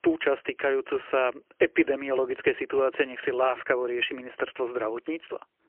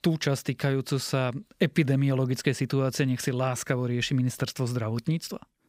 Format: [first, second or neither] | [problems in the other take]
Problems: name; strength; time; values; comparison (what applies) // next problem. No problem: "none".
second | phone-call audio; poor line; nothing above 3 kHz